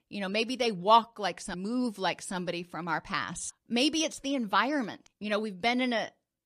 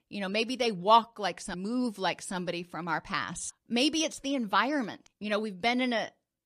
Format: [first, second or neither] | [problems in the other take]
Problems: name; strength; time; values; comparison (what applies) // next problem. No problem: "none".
neither | none